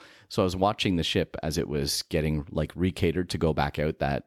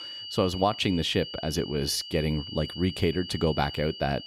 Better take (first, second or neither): first